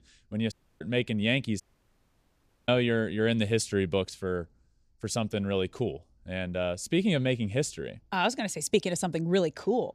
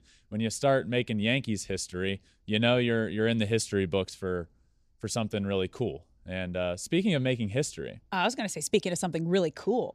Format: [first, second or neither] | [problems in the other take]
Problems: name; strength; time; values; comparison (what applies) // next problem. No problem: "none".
second | audio cutting out; at 0.5 s and at 1.5 s for 1 s